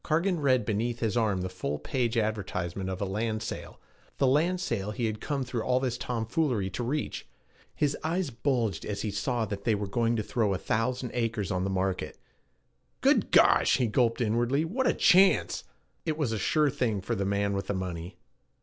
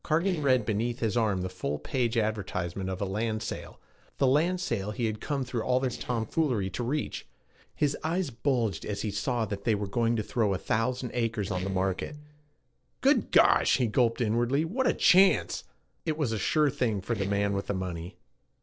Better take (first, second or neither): first